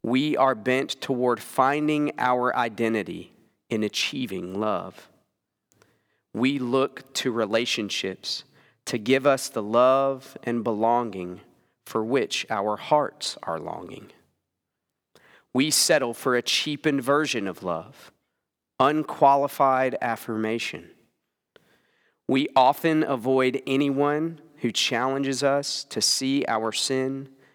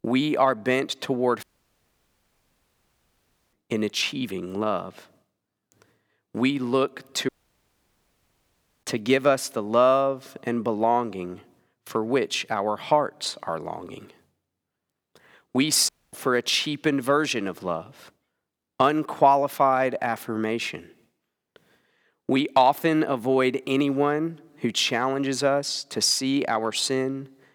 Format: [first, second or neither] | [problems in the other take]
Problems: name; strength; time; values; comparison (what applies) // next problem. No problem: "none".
first | audio cutting out; at 1.5 s for 2 s, at 7.5 s for 1.5 s and at 16 s